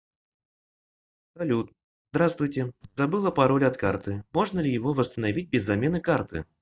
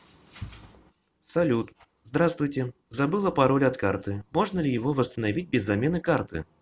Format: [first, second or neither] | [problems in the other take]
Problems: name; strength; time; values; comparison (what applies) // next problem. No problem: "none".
second | noise reduction (neural mask model DeepFilterNet 3)